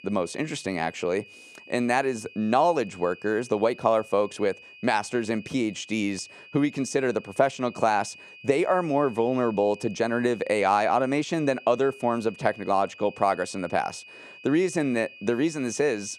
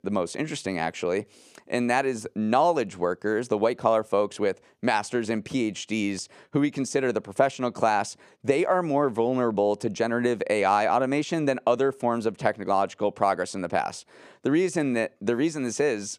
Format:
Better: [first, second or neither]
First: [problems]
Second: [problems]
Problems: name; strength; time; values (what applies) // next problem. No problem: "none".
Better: second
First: high-pitched whine; noticeable; throughout; 2.5 kHz, 20 dB below the speech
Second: none